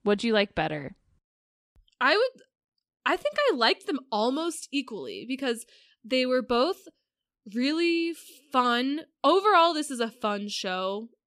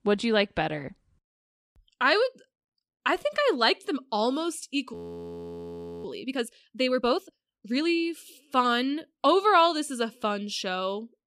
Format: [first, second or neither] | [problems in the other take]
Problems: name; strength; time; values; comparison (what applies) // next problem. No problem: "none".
first | audio freezing; at 5 s for 1 s